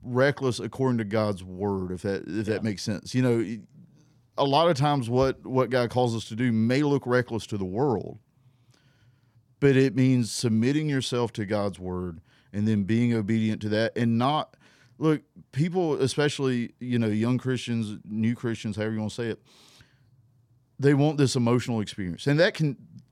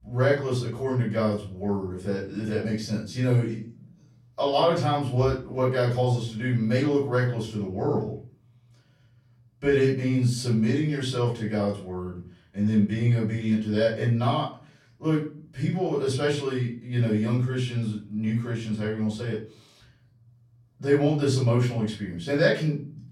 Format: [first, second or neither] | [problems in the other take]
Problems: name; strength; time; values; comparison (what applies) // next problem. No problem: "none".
first | room echo; slight; dies away in 0.3 s // off-mic speech; far